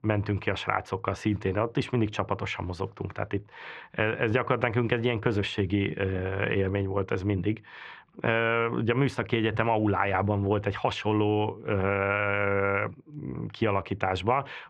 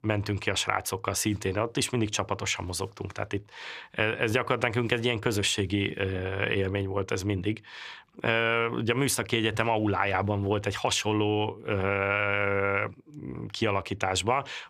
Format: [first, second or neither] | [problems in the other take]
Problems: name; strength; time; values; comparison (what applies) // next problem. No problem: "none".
second | muffled; very; fading above 2 kHz